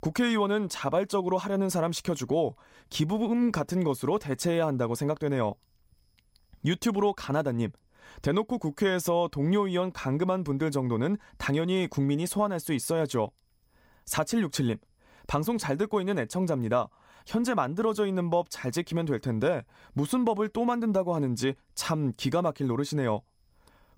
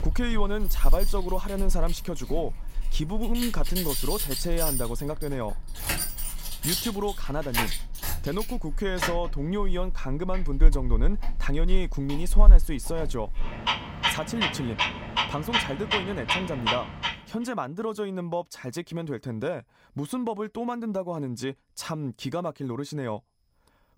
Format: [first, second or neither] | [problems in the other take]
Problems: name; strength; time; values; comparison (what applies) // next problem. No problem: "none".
first | household noises; very loud; until 17 s; 3 dB above the speech